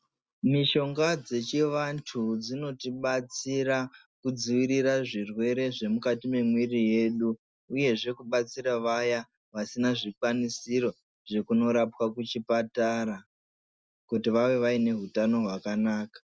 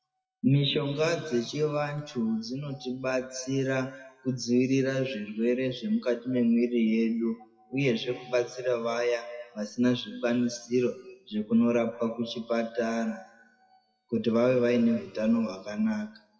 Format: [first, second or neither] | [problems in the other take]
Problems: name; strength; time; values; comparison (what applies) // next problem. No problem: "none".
first | noise reduction (classical method WPE with log-MMSE)